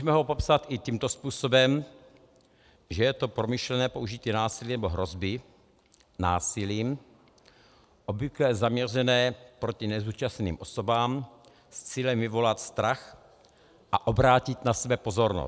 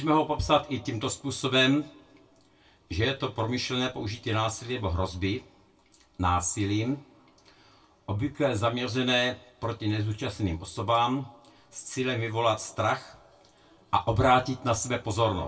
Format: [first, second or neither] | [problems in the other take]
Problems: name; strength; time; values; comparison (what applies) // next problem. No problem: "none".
first | room echo; dies away in 0.2 s